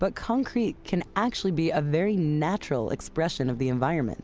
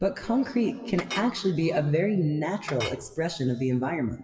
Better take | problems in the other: first | noise reduction (classical method WPE with log-MMSE)

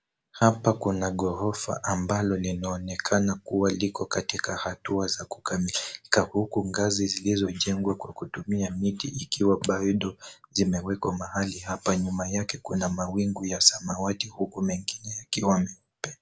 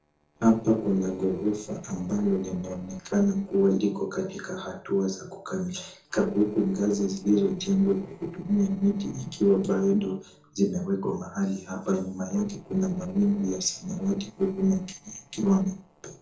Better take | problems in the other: first | noise reduction (neural separator model SepFormer DNS4)

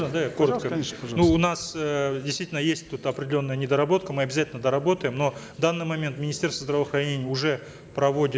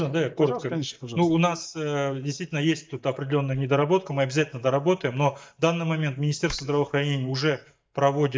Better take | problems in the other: first | noise reduction (neural mask model DeepFilterNet 3)

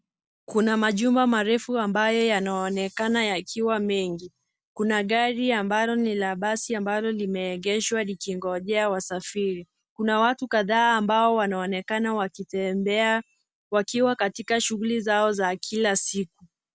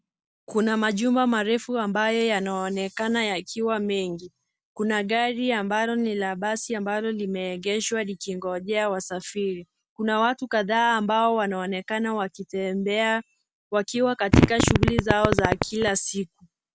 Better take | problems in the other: first | background sound (Fart); 4 dB above the speech

